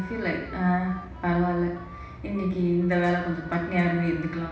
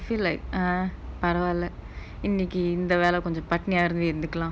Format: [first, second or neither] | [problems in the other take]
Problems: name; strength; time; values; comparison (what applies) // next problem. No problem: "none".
second | background sound (Harmonica); 19 dB below the speech // room echo; dies away in 0.9 s